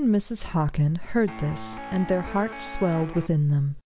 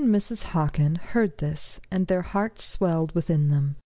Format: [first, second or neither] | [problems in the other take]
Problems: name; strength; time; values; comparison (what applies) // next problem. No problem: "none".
second | background sound (Guitar); 12 dB below the speech